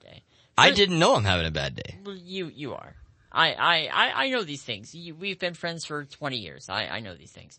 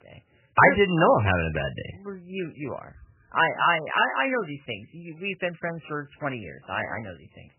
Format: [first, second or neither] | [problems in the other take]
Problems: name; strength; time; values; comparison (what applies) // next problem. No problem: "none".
first | garbled, watery; badly; nothing above 3 kHz; slightly in the first